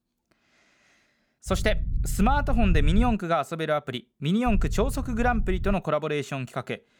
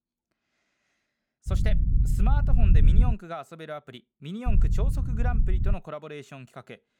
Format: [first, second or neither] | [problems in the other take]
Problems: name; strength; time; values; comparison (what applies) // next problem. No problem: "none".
first | low rumble; loud; from 1.5 to 3 s and from 4.5 to 5.5 s; 4 dB below the speech; faint in the first